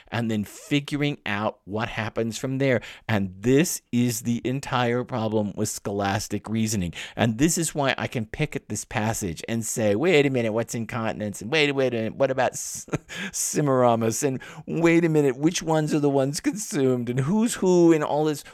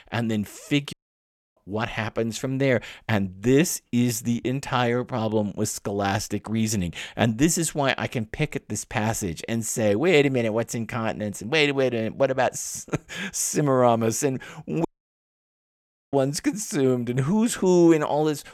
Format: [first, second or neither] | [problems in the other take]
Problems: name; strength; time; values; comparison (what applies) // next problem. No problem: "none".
first | audio cutting out; at 1 s for 0.5 s and at 15 s for 1.5 s